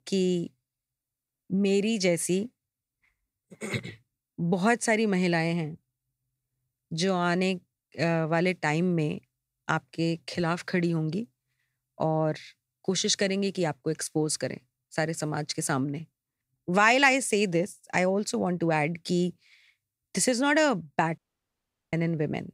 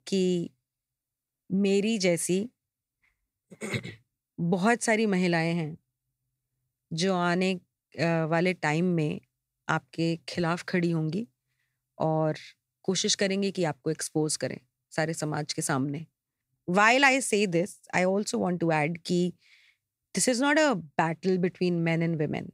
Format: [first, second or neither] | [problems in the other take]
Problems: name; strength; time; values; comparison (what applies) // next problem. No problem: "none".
second | audio cutting out; at 21 s for 1 s